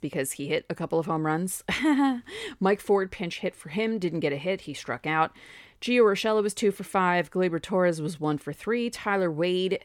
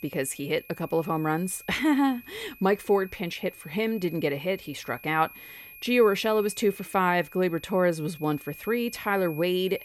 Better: first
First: none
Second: high-pitched whine; noticeable; throughout; 2.5 kHz, 20 dB below the speech

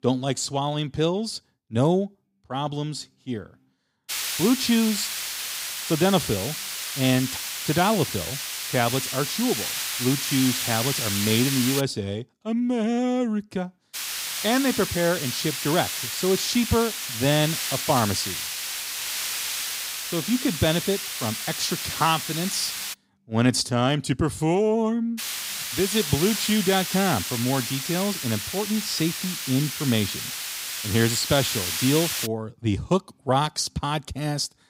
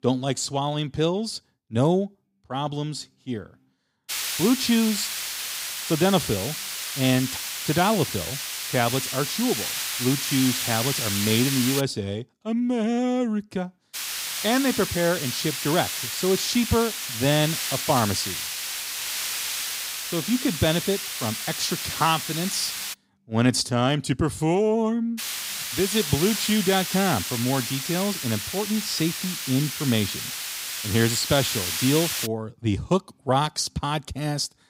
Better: neither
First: hiss; loud; from 4 to 12 s, from 14 to 23 s and from 25 to 32 s; 3 dB below the speech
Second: hiss; loud; from 4 to 12 s, from 14 to 23 s and from 25 to 32 s; 3 dB below the speech

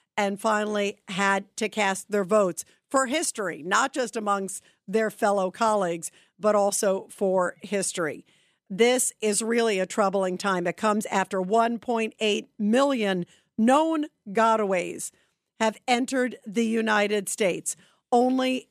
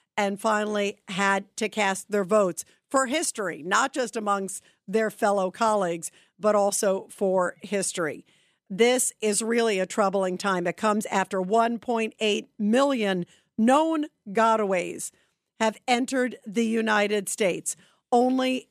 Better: neither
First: none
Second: none

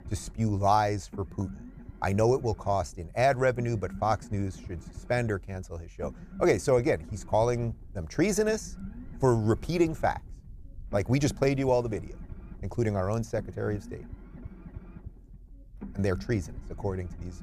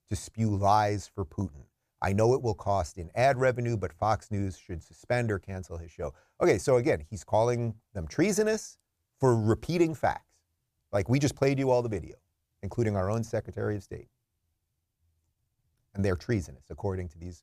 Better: second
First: low rumble; faint; throughout; 25 dB below the speech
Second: none

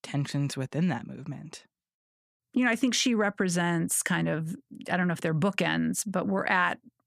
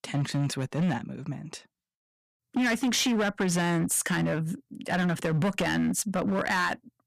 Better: first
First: none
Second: distortion; slight; 13% of the sound clipped

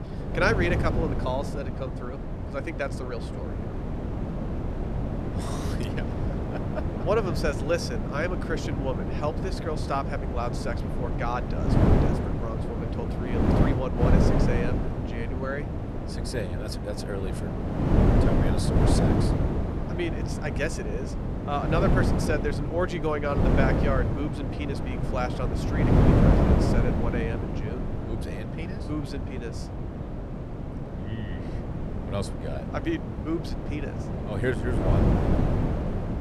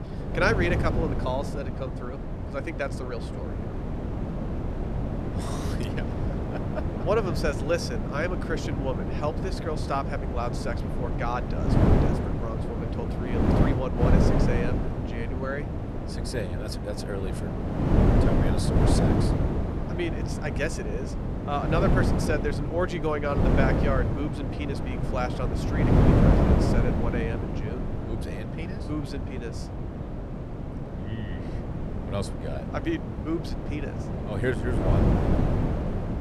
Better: neither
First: wind noise on the microphone; heavy; 1 dB below the speech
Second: wind noise on the microphone; heavy; 1 dB below the speech

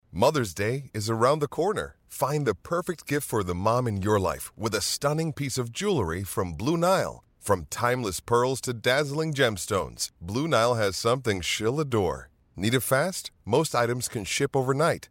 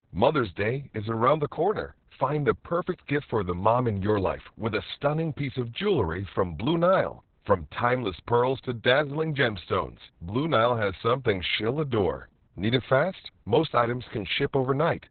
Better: first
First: none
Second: garbled, watery; badly; nothing above 4 kHz

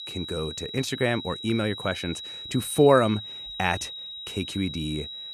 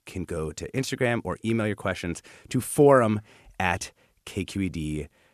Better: second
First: high-pitched whine; loud; throughout; 4 kHz, 9 dB below the speech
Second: none

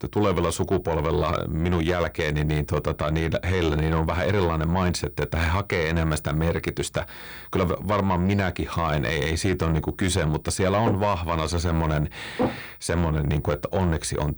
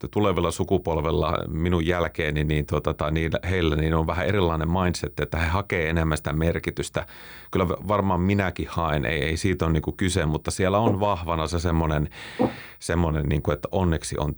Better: second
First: distortion; slight; 10 dB below the speech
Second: none

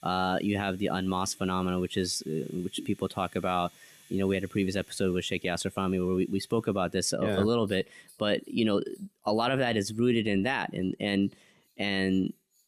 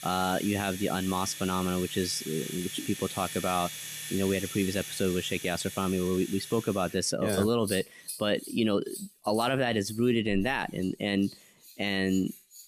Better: first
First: household noises; faint; throughout; 30 dB below the speech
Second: household noises; loud; throughout; 10 dB below the speech

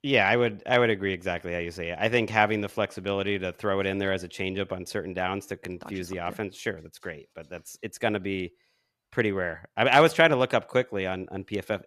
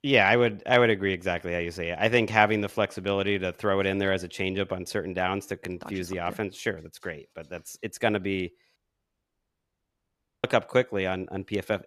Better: first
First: none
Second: audio cutting out; at 9 s for 1.5 s

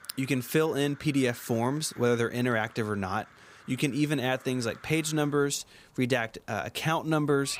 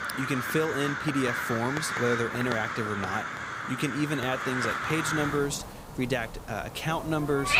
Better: first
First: animal sounds; faint; throughout; 25 dB below the speech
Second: animal sounds; loud; throughout; 2 dB below the speech

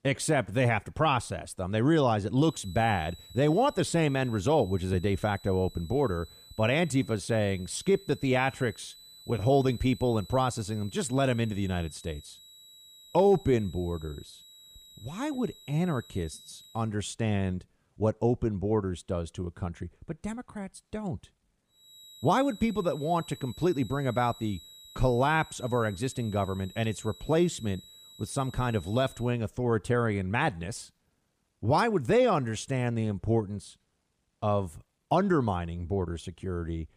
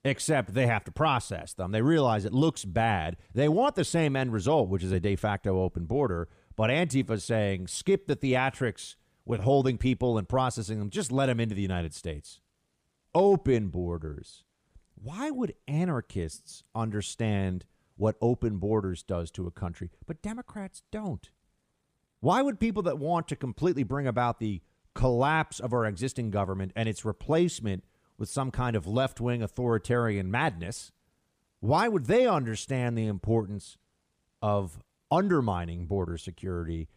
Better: second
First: high-pitched whine; faint; from 2.5 to 17 s and from 22 to 29 s; 4 kHz, 20 dB below the speech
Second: none

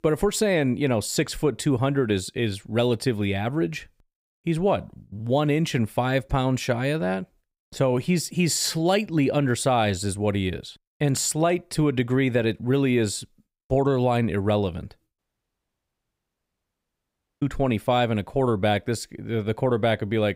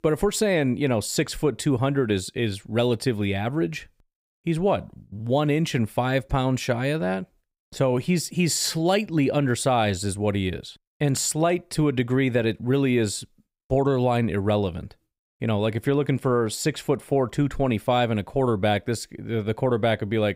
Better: second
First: audio cutting out; at 15 s for 2 s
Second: none

